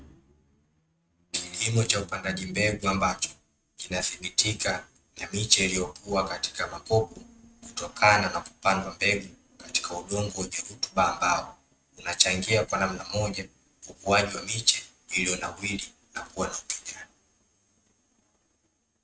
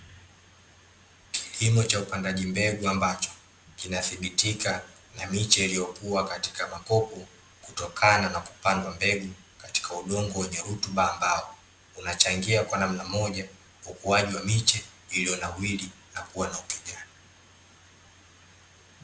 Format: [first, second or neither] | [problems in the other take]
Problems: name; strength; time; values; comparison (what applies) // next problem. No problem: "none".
second | noise reduction (neural mask model RNNoise)